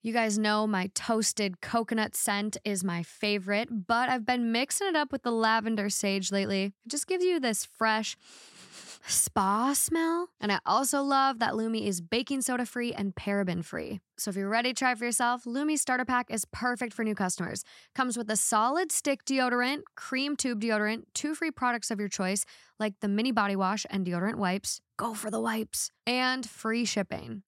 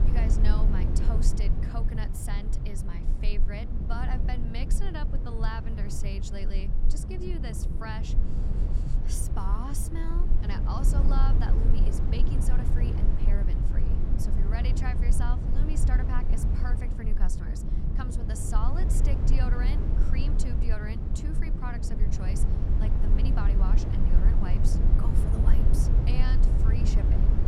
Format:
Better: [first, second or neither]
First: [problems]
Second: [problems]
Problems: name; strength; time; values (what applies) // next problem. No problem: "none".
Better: first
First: none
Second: low rumble; loud; throughout; 1 dB below the speech